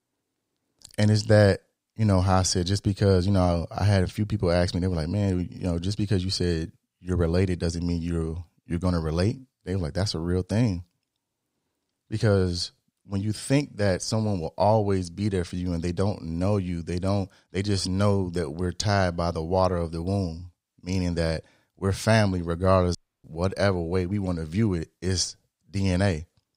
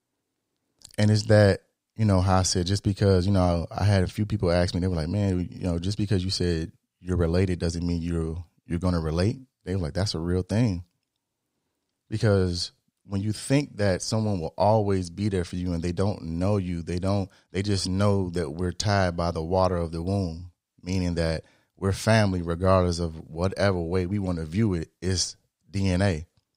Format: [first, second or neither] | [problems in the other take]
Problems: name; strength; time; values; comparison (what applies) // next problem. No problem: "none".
second | audio cutting out; at 23 s